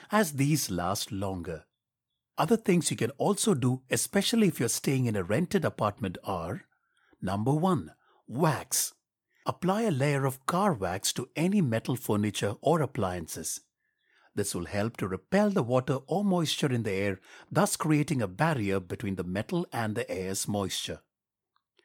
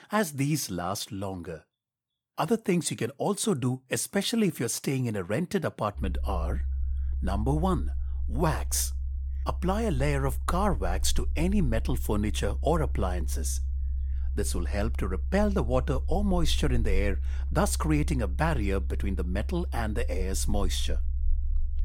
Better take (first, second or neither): first